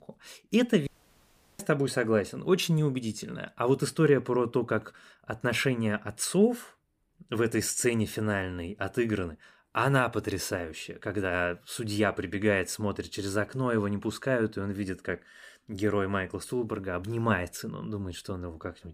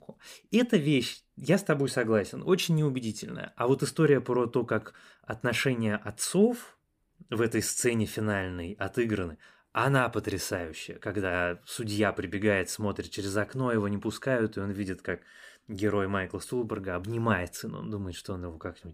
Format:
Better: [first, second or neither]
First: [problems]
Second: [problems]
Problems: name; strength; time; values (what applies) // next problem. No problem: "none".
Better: second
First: audio cutting out; at 1 s for 0.5 s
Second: none